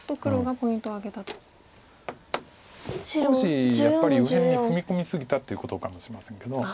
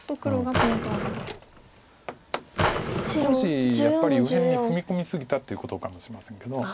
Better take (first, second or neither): first